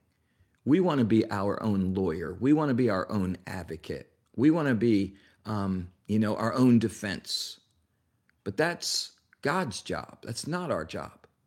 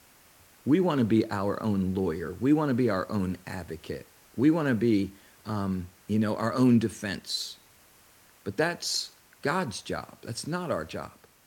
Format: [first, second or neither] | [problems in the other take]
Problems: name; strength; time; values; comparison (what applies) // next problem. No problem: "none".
first | hiss; faint; throughout; 30 dB below the speech